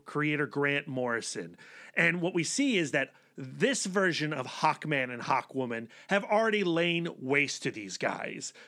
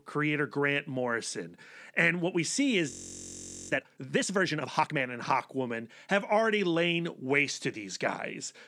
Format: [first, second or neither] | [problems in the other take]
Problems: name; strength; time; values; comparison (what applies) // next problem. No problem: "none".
first | audio freezing; at 3 s for 1 s